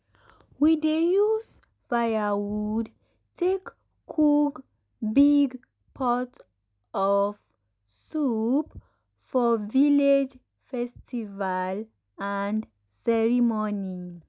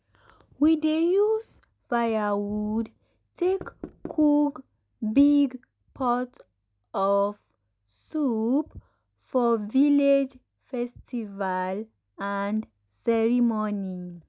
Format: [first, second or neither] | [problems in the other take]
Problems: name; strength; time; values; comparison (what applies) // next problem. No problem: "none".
first | background sound (Knock); 14 dB below the speech